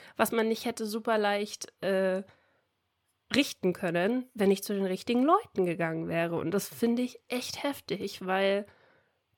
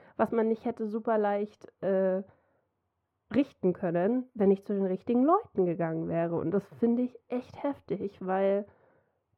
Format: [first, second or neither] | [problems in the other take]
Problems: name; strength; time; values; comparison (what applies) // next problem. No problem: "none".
first | muffled; very; fading above 2.5 kHz